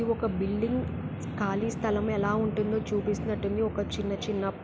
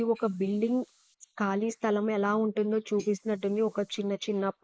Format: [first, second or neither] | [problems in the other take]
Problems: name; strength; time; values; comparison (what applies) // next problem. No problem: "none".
first | noise reduction (neural mask model Resemble Enhance denoiser)